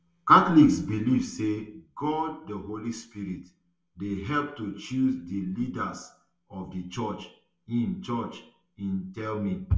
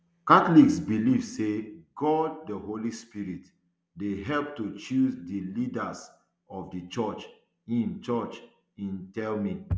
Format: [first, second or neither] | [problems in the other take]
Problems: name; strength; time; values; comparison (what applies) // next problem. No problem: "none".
second | room echo; dies away in 0.2 s